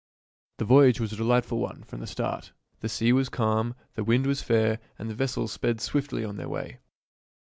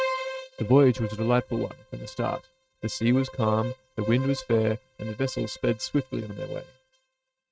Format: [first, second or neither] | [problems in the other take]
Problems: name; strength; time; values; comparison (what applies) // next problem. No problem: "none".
first | noise reduction (neural mask model RNNoise)